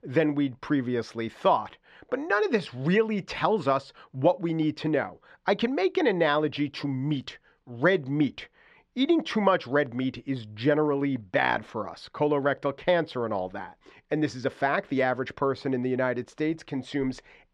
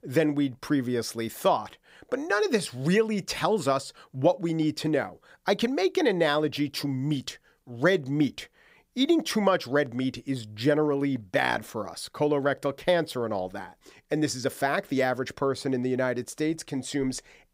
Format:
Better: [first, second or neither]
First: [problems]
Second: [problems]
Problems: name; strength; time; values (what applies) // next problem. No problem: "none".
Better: second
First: muffled; slightly; fading above 3 kHz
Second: none